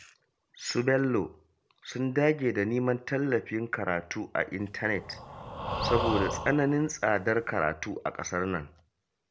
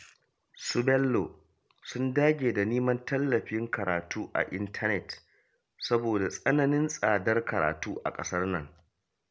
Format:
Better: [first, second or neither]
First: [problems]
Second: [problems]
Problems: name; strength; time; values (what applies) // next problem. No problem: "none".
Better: second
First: background sound (Breathing); 5 dB below the speech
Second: none